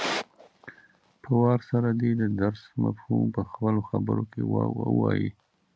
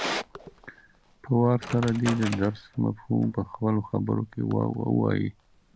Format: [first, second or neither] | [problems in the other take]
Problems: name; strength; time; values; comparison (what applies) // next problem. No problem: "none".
first | background sound (Wood); 17 dB below the speech